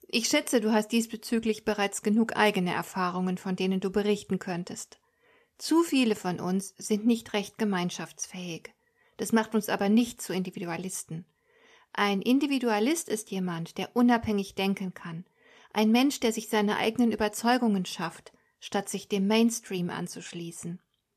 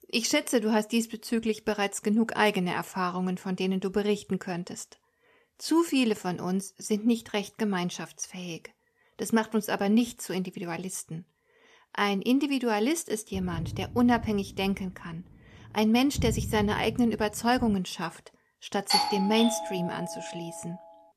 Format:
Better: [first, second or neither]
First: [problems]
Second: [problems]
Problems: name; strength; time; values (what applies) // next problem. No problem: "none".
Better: first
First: none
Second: footsteps; noticeable; from 13 to 18 s; peak 4 dB below the speech // doorbell; loud; from 19 to 20 s; peak 3 dB above the speech